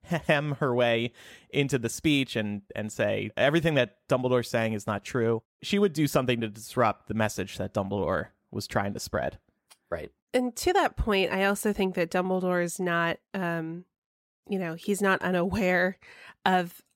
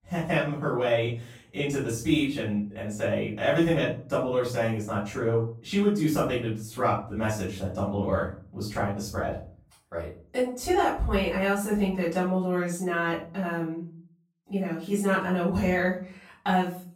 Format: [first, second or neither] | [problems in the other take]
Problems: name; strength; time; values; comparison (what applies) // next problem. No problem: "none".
first | off-mic speech; far // room echo; noticeable; dies away in 0.4 s